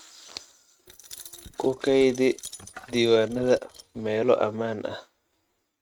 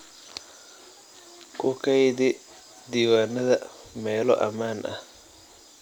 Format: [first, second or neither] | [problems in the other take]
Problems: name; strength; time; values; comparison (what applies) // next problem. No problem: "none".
second | noise reduction (neural mask model RNNoise)